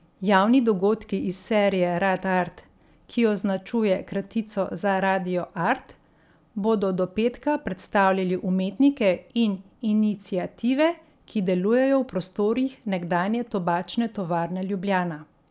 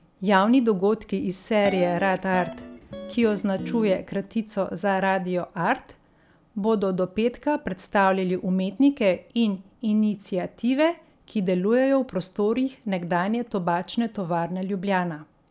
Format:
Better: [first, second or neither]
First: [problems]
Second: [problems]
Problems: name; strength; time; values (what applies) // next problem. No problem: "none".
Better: first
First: none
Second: background sound (Guitar); 13 dB below the speech